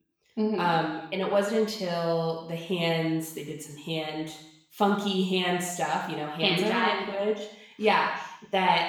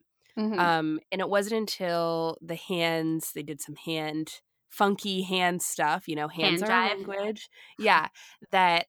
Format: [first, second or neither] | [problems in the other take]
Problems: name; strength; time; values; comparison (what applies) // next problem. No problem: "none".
second | room echo; noticeable; dies away in 0.8 s // off-mic speech; far